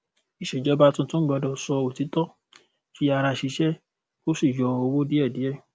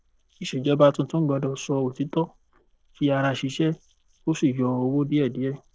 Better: first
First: none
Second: noise reduction (neural separator model SepFormer DNS4)

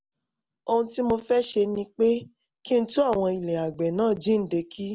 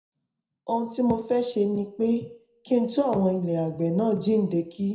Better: first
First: none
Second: room echo; dies away in 0.5 s

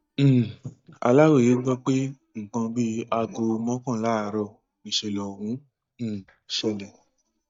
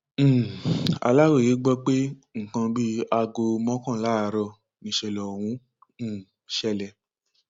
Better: second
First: noise reduction (neural mask model DeepFilterNet 3)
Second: none

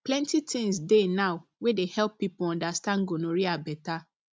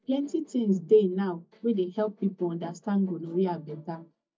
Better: first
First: none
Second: noise reduction (neural mask model DeepFilterNet 3)

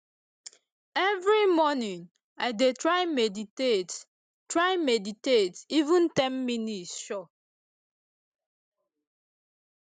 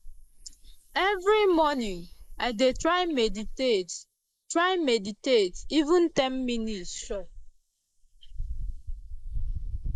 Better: first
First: none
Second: noise reduction (neural mask model Resemble Enhance denoiser)

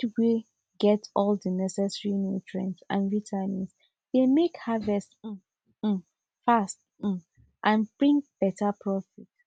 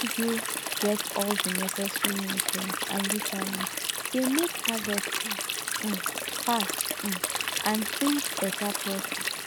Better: first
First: none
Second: background sound (Stream); 1 dB above the speech

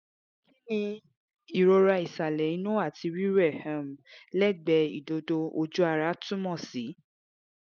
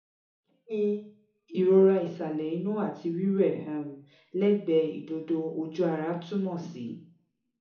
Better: first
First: none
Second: room echo; dies away in 0.7 s

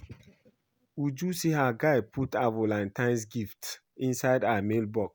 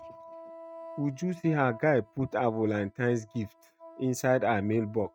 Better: first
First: none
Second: noise reduction (neural mask model RNNoise)

